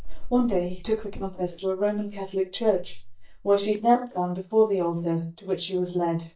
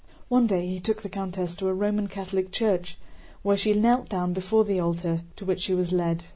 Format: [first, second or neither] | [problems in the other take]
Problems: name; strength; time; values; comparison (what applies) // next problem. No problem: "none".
second | noise reduction (neural mask model DeepFilterNet 3)